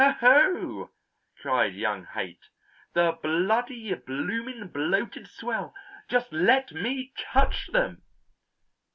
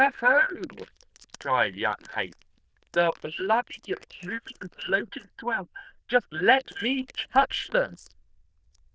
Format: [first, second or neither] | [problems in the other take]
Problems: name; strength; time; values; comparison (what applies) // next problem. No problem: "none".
first | noise reduction (neural diffusion model UNIVERSE++)